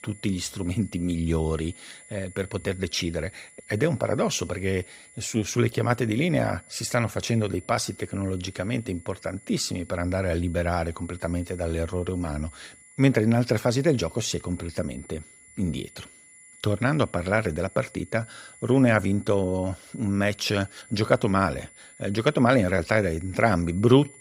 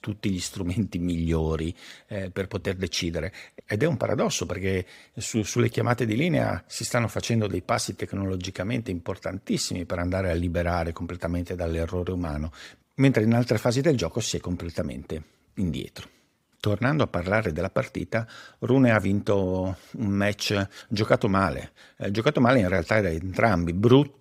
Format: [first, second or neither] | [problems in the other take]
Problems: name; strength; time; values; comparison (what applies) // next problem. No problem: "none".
second | high-pitched whine; faint; throughout; 10 kHz, 20 dB below the speech